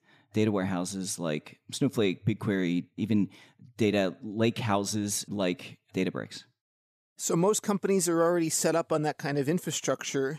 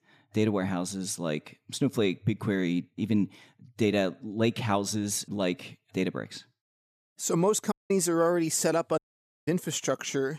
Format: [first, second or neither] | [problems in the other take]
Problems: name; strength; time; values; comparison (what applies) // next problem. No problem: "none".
first | audio cutting out; at 7.5 s and at 9 s